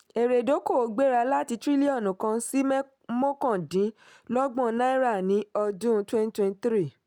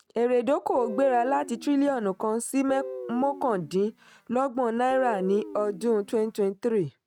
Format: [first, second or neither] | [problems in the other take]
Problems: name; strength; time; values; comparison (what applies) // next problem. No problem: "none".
first | noise reduction (neural mask model RNNoise)